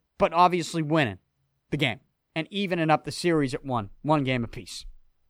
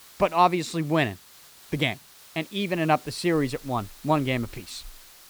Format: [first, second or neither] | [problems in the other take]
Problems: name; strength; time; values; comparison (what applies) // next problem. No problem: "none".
first | hiss; faint; throughout; 20 dB below the speech